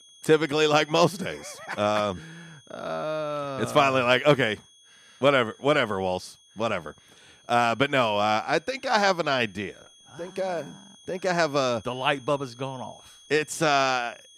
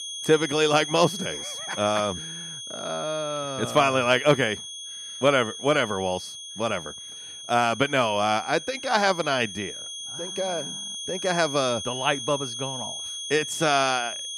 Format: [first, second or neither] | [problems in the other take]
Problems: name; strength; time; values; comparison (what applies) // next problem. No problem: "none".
first | high-pitched whine; loud; throughout; 3.5 kHz, 9 dB below the speech; faint in the first